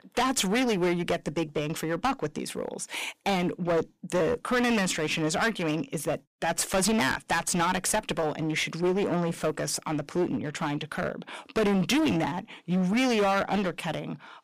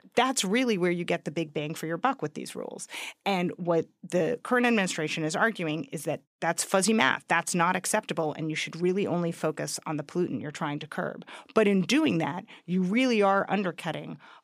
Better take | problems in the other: second | distortion; heavy; 13% of the sound clipped

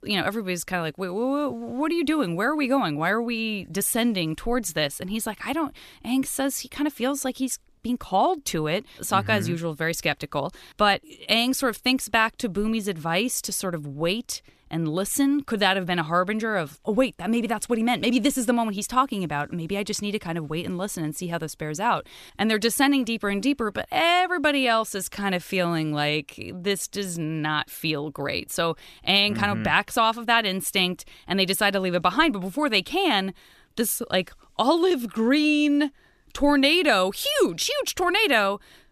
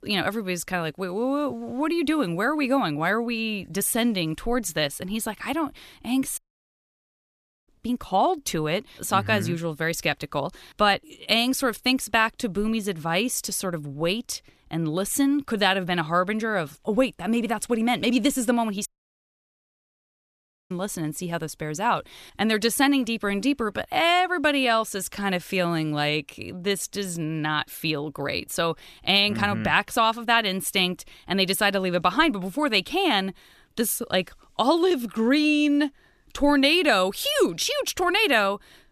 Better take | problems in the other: first | audio cutting out; at 6.5 s for 1.5 s and at 19 s for 2 s

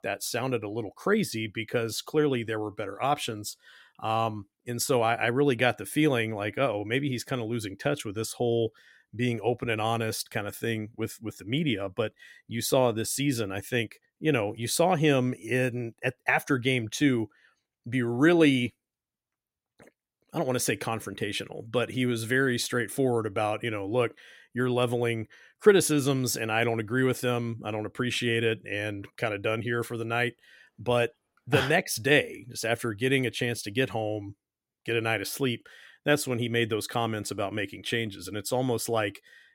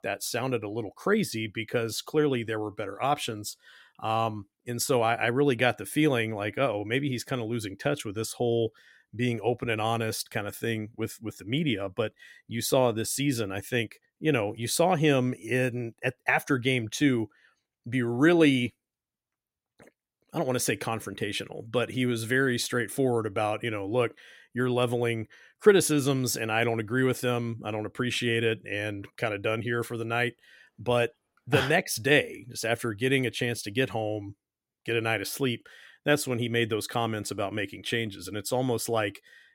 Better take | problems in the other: neither | none

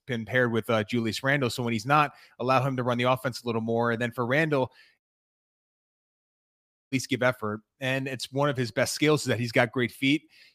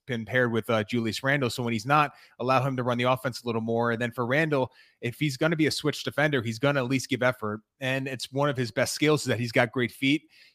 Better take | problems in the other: second | audio cutting out; at 5 s for 2 s

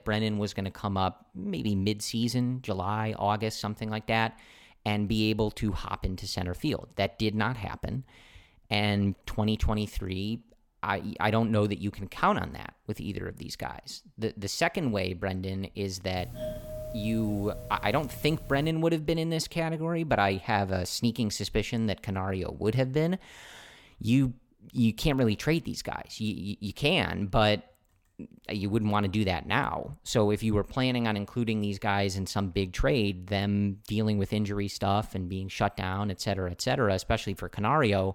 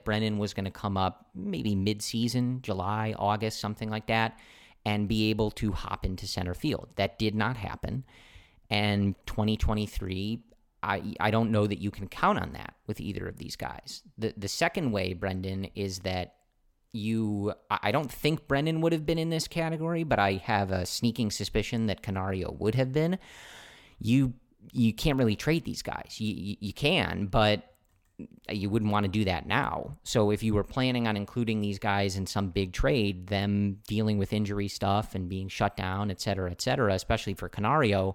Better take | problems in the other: second | doorbell; noticeable; from 16 to 19 s; peak 8 dB below the speech

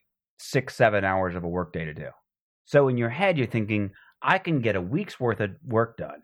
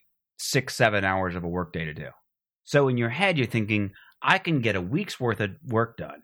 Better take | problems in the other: second | muffled; slightly; fading above 3 kHz

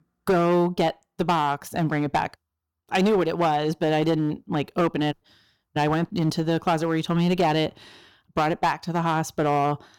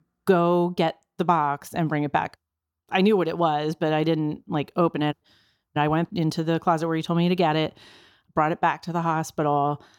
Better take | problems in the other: second | distortion; slight; 8% of the sound clipped

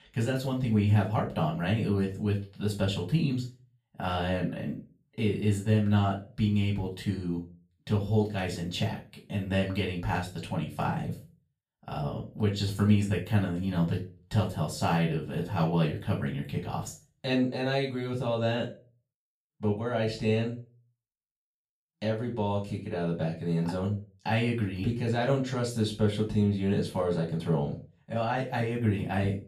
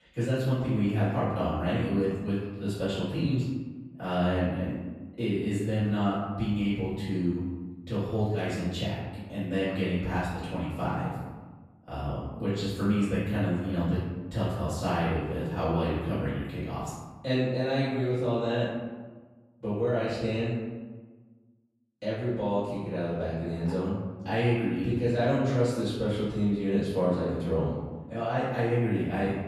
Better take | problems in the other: first | room echo; strong; dies away in 1.2 s; slight in the first // off-mic speech; far; far in the first

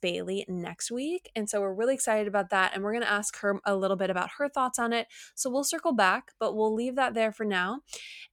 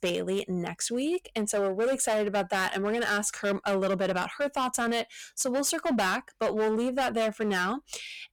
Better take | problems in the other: first | distortion; heavy; 14% of the sound clipped

